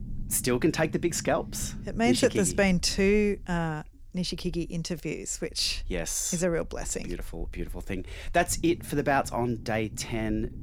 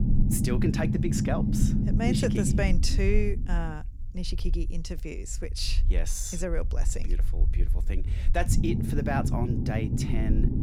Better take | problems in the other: first | low rumble; loud; throughout; 3 dB below the speech; faint in the first

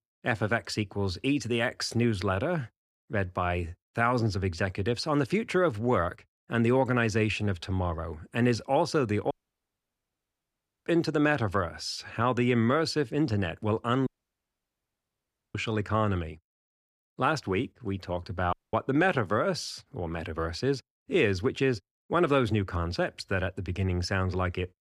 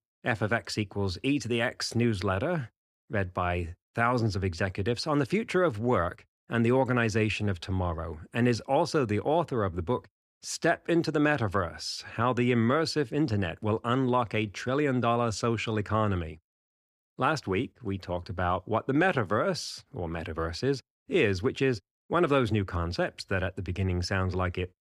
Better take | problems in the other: second | audio cutting out; at 9.5 s for 1.5 s, at 14 s for 1.5 s and at 19 s

